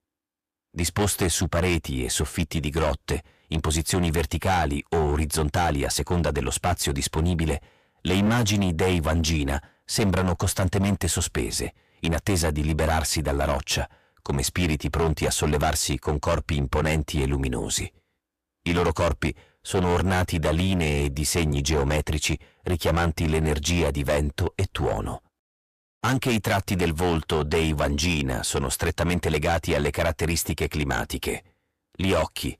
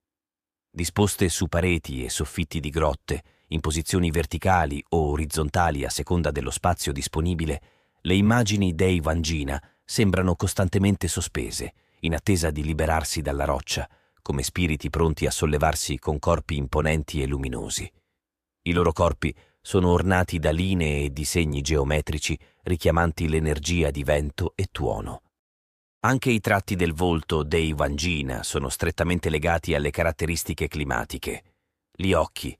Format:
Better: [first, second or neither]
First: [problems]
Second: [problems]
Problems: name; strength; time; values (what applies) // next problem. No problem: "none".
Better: second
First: distortion; heavy; 12% of the sound clipped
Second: none